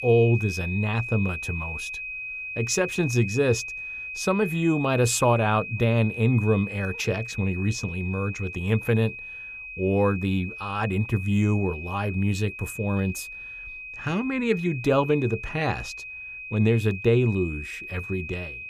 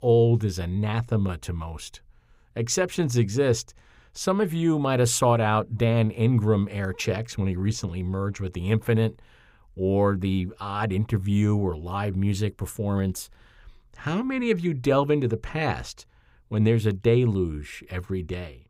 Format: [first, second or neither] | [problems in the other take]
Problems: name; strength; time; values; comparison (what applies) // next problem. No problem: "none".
second | high-pitched whine; loud; throughout; 2.5 kHz, 9 dB below the speech